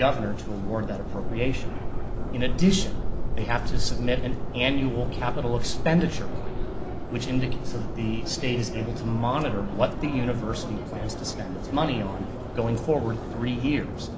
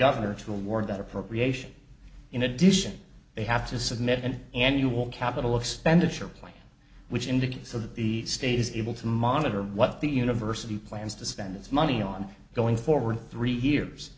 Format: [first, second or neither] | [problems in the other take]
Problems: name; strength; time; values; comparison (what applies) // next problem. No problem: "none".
second | background sound (Subway, metro, underground); as loud as the speech